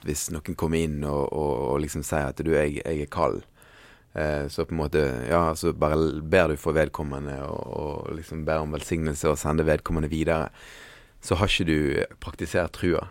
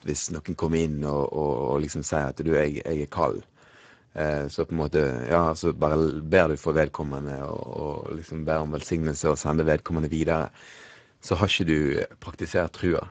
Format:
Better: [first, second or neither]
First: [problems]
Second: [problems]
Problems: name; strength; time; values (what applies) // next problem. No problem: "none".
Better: first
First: none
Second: garbled, watery; badly; nothing above 7.5 kHz